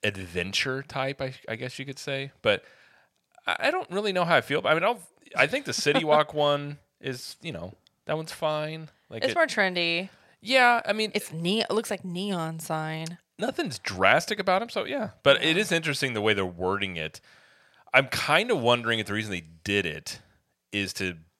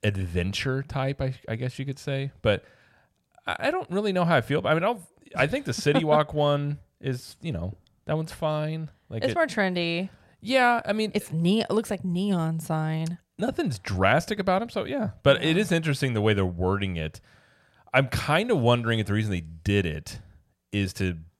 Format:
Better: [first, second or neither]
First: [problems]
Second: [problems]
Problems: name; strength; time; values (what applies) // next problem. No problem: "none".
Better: second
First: thin; very slightly; fading below 450 Hz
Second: none